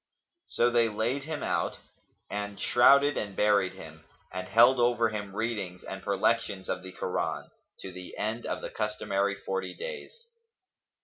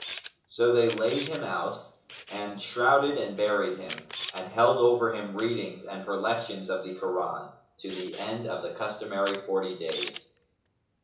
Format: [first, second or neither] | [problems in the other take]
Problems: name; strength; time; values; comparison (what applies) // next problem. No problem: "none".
first | background sound (Camera); 16 dB below the speech // room echo; dies away in 0.6 s